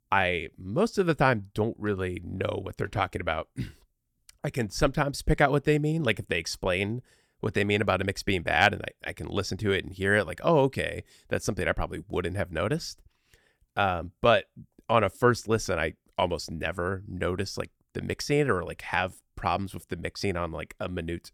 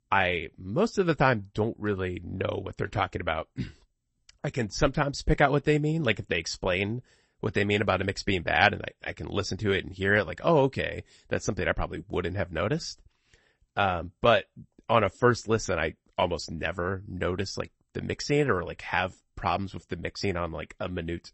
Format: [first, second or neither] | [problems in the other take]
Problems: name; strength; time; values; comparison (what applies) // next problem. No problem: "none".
first | garbled, watery; slightly; nothing above 8 kHz